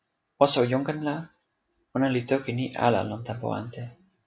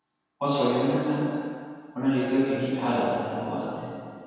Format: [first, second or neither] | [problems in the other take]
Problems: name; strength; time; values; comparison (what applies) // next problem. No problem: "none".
first | room echo; dies away in 2.1 s